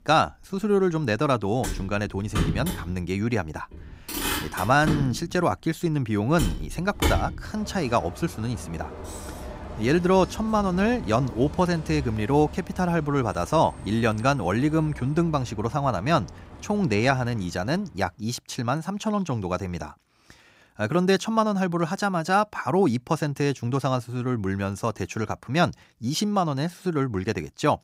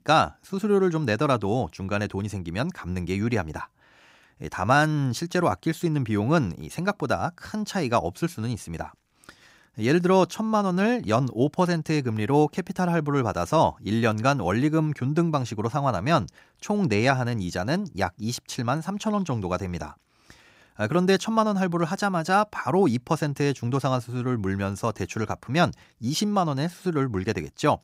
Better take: second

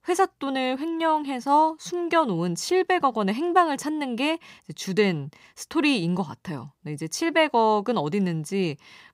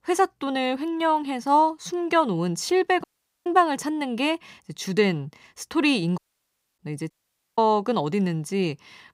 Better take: first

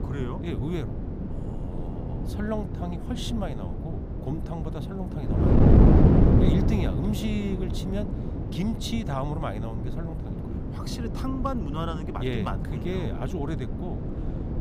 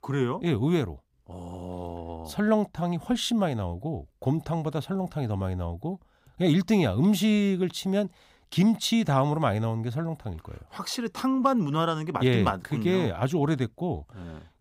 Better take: second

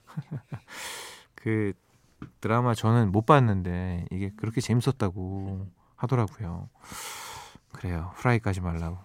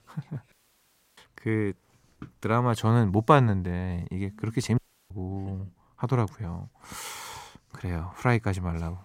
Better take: first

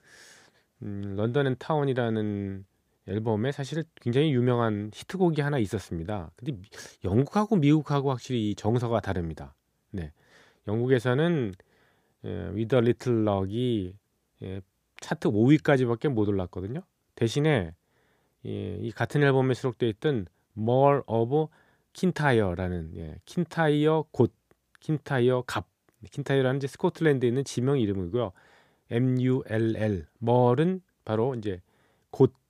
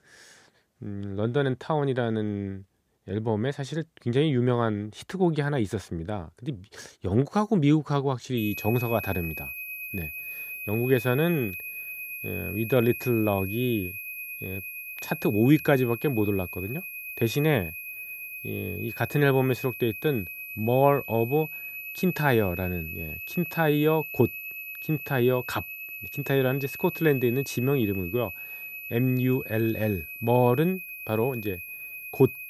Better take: first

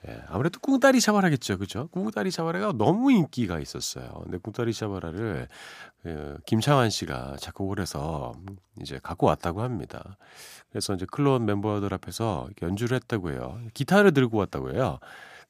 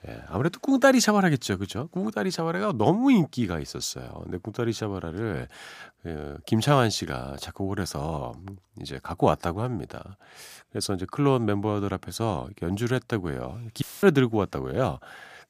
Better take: first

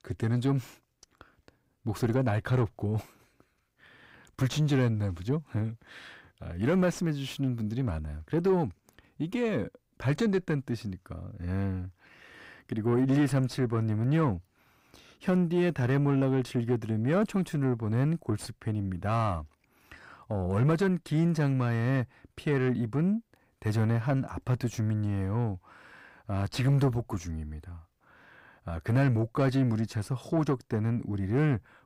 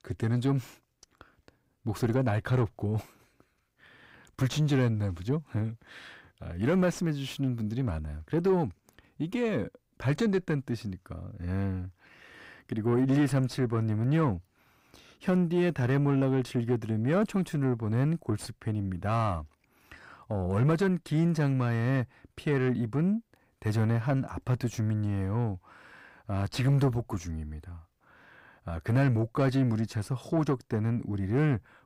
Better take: neither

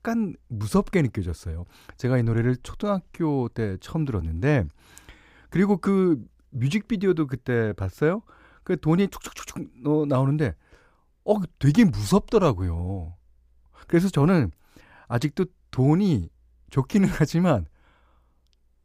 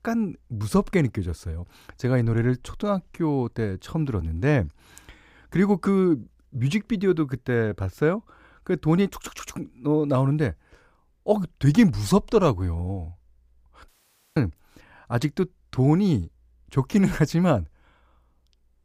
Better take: first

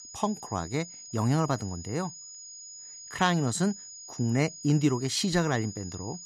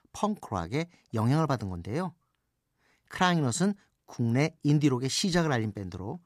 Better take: second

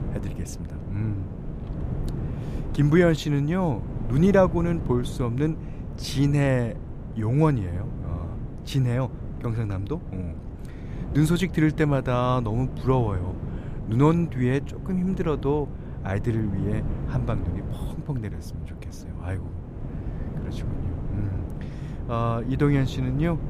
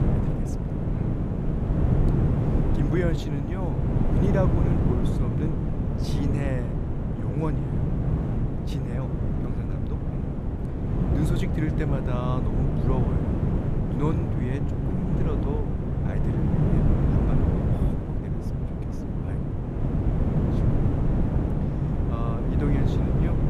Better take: first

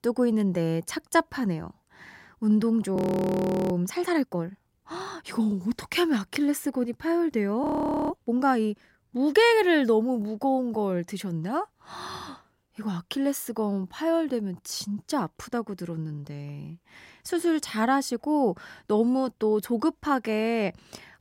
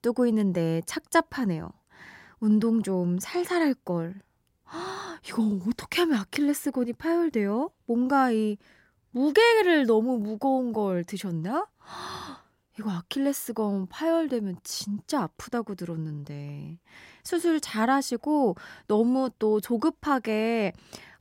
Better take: second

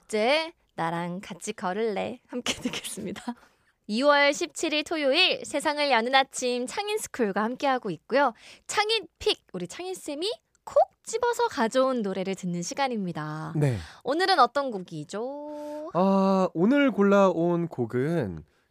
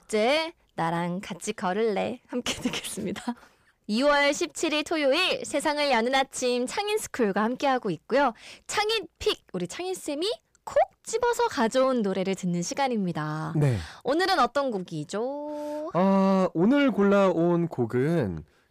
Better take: first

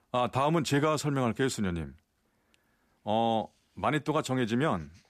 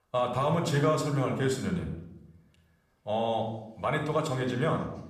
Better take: first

